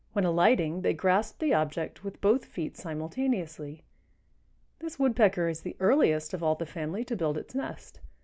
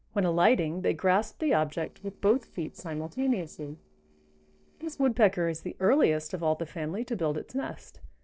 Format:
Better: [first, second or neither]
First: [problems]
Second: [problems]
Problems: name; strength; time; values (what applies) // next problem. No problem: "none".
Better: first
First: none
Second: noise reduction (neural separator model SepFormer DNS4)